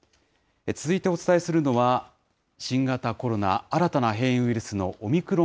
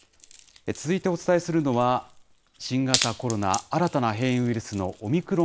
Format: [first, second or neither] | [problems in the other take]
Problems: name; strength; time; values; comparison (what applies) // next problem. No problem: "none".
first | background sound (Wood); 11 dB below the speech